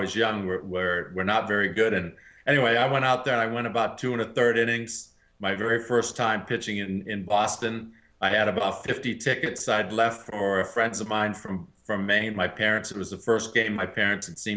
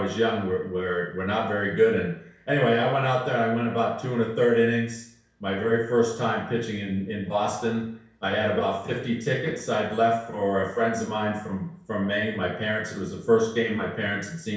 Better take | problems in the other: first | room echo; dies away in 0.6 s

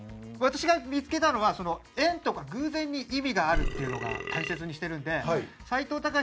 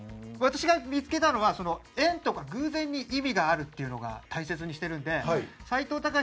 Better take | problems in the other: second | background sound (Burping, eructation); 3 dB below the speech

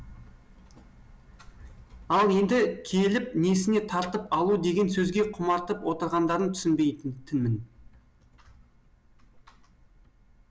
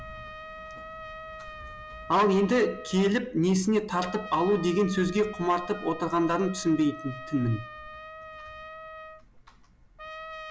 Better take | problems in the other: first | background sound (Trumpet); 14 dB below the speech

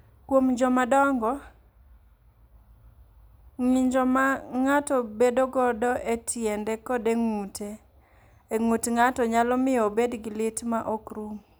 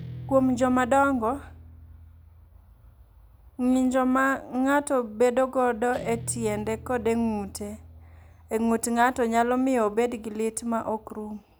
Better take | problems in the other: first | background sound (Guitar); 19 dB below the speech

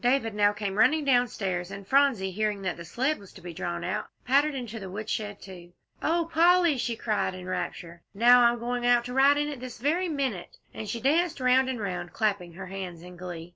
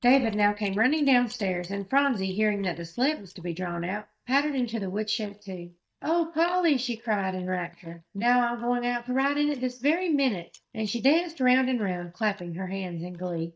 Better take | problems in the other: first | noise reduction (neural mask model DeepFilterNet 3)

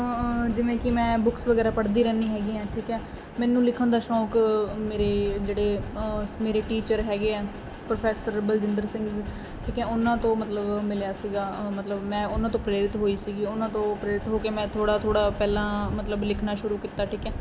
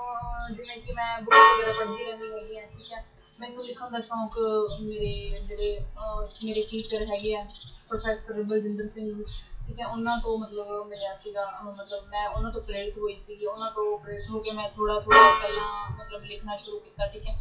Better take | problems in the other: first | noise reduction (classical method WPE with log-MMSE)

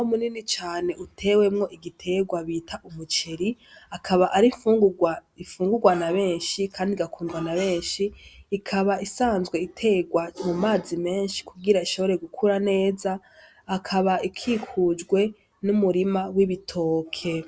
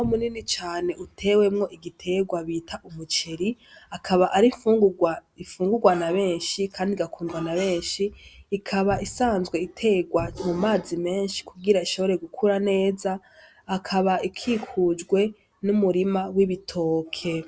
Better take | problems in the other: first | background sound (Cupboard open or close); 15 dB below the speech

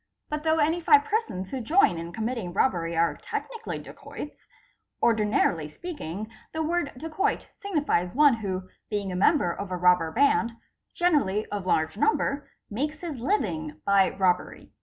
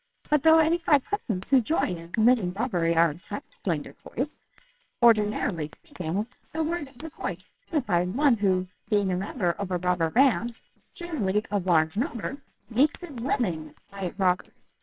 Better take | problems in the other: first | noise reduction (neural separator model SepFormer WHAMR!)

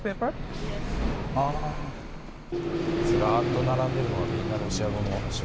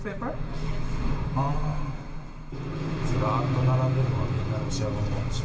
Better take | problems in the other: first | room echo; dies away in 2.3 s

